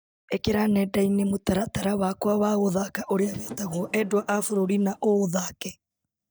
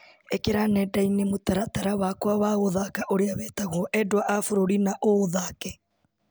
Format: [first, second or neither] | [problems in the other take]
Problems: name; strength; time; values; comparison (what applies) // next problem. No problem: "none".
second | noise reduction (neural mask model DeepFilterNet 3)